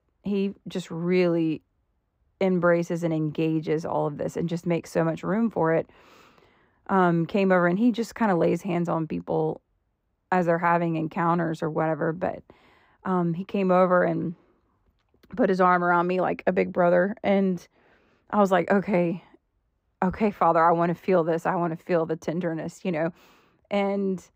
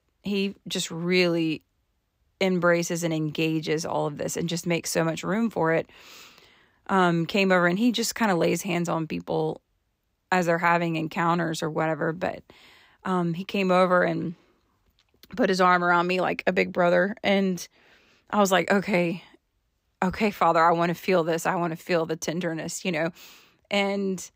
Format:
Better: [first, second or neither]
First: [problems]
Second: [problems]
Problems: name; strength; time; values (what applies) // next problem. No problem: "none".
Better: second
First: muffled; slightly; fading above 2 kHz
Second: none